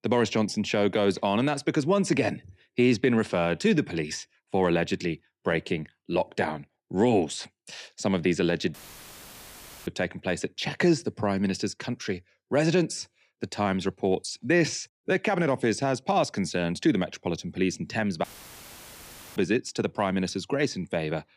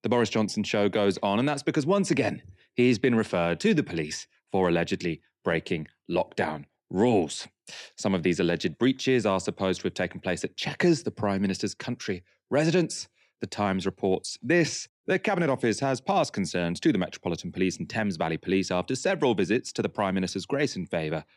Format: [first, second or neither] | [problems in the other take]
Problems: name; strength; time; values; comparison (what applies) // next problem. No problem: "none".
second | audio cutting out; filled with static; at 8.5 s for 1 s and at 18 s for 1 s